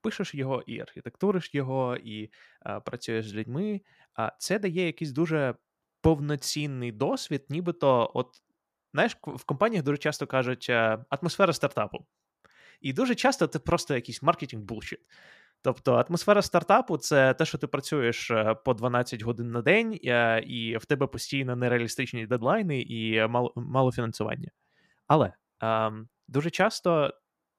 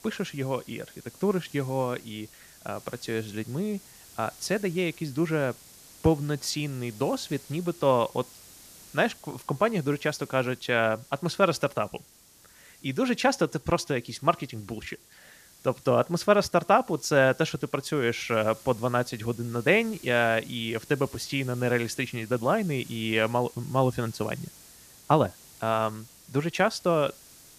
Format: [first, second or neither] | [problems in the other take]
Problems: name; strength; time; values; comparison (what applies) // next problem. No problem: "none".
first | hiss; faint; throughout; 20 dB below the speech